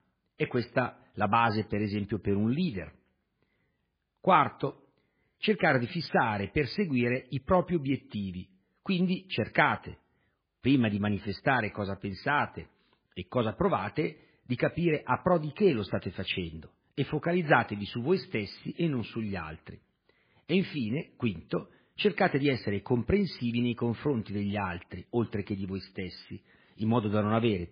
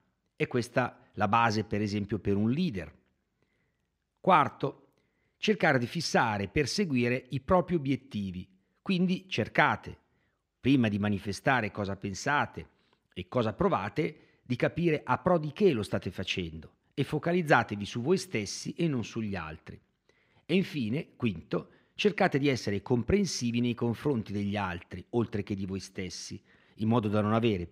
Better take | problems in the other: second | garbled, watery; badly; nothing above 5 kHz

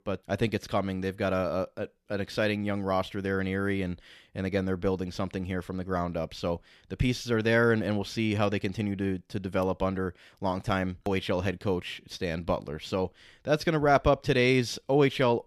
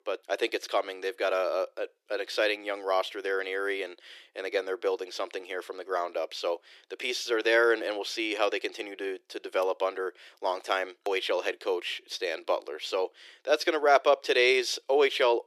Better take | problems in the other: first | thin; very; fading below 350 Hz

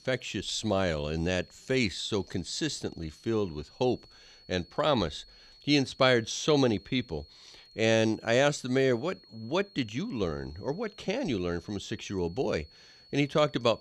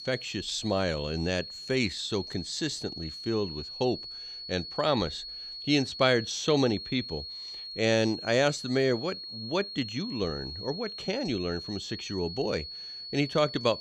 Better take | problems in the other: first | high-pitched whine; loud; throughout; 4.5 kHz, 8 dB below the speech; faint in the first

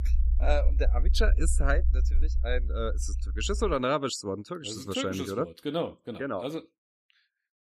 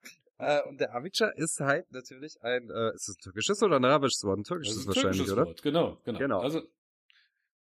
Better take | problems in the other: second | low rumble; noticeable; until 3.5 s; 20 dB below the speech

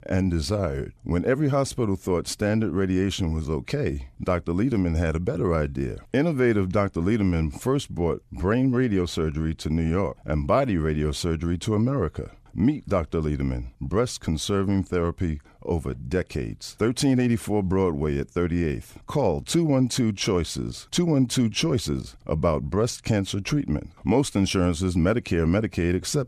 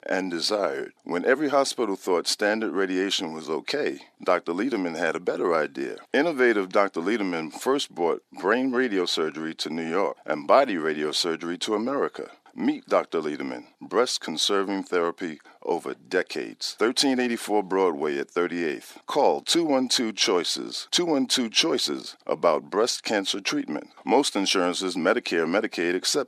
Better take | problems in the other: first | thin; somewhat; fading below 300 Hz

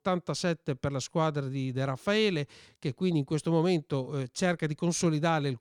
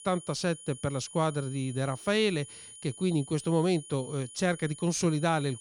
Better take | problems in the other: first | high-pitched whine; noticeable; throughout; 9.5 kHz, 15 dB below the speech

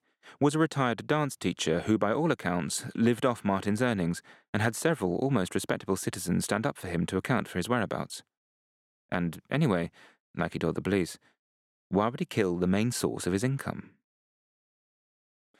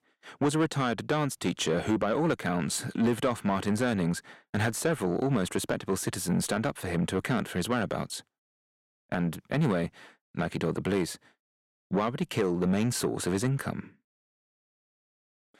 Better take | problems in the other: first | distortion; slight; 10 dB below the speech

